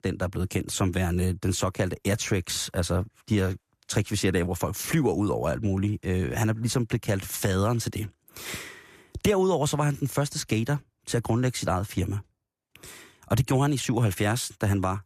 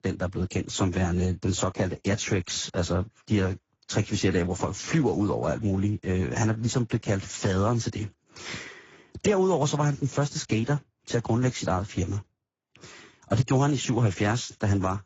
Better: first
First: none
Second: garbled, watery; badly; nothing above 7.5 kHz

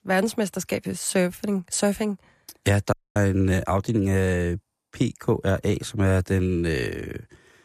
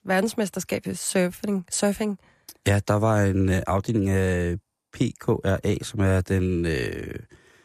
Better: second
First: audio cutting out; at 3 s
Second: none

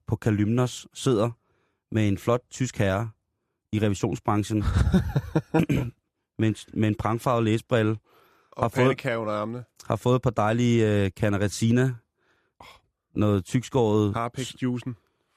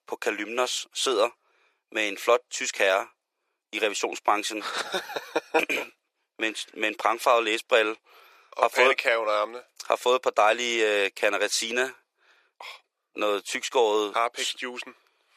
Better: first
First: none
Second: thin; very; fading below 450 Hz

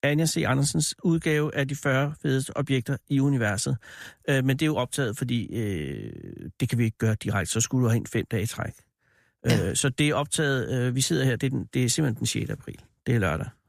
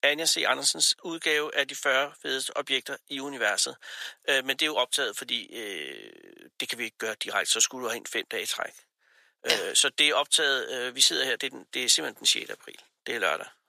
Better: first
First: none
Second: thin; very; fading below 500 Hz

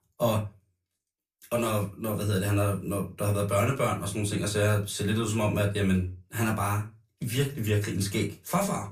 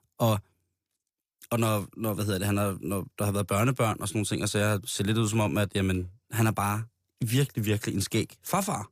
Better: second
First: off-mic speech; far // room echo; very slight; dies away in 0.2 s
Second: none

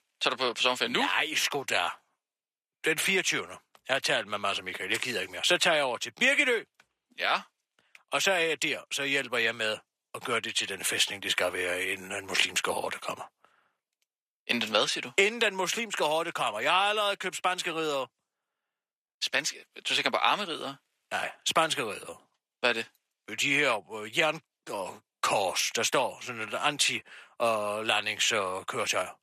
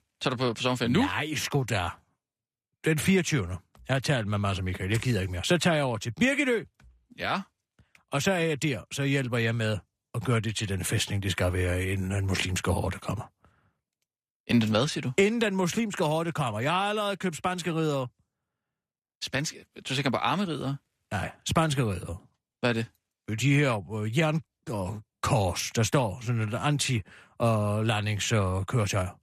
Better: second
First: thin; very; fading below 500 Hz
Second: none

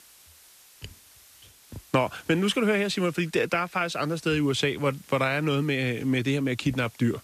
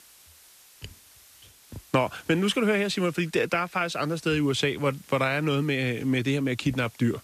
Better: neither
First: hiss; faint; throughout; 25 dB below the speech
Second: hiss; faint; throughout; 25 dB below the speech

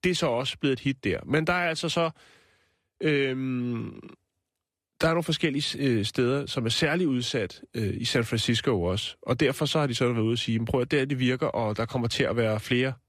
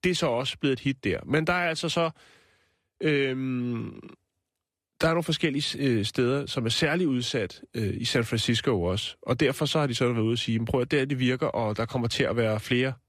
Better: neither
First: none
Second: none

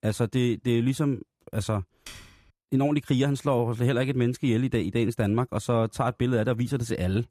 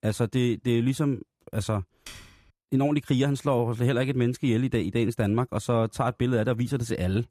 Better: neither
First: keyboard typing; faint; at 2 s; peak 20 dB below the speech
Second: keyboard typing; faint; at 2 s; peak 20 dB below the speech

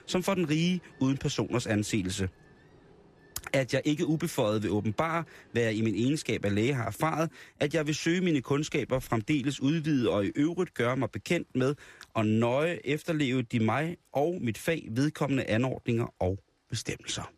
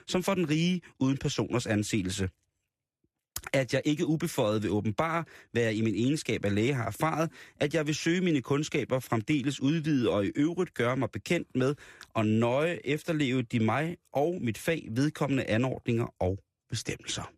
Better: second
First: rain or running water; faint; throughout; 30 dB below the speech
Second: none

